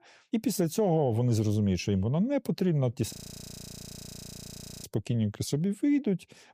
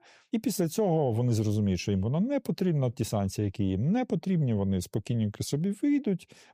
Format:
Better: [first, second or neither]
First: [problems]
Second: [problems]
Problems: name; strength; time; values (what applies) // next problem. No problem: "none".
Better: second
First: audio freezing; at 3 s for 1.5 s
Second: none